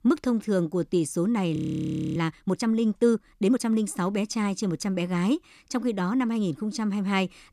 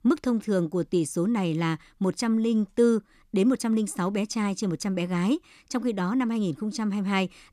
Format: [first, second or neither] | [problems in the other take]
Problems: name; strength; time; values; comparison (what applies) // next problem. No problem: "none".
second | audio freezing; at 1.5 s for 0.5 s